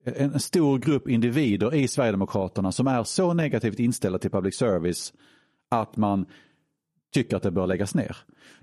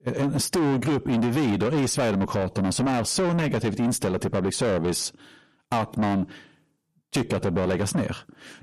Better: first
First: none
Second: distortion; heavy; 8 dB below the speech

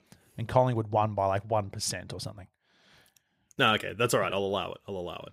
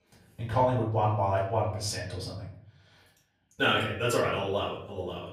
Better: first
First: none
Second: off-mic speech; far // room echo; noticeable; dies away in 0.6 s

